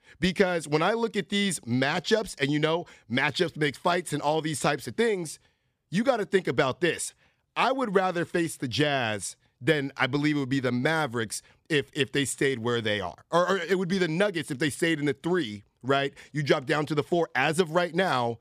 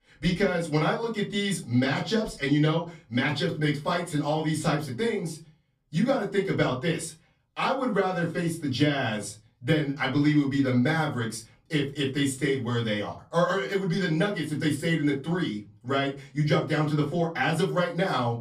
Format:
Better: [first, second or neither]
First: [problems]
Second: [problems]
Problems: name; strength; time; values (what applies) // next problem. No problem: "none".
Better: first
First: none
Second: off-mic speech; far // room echo; very slight; dies away in 0.3 s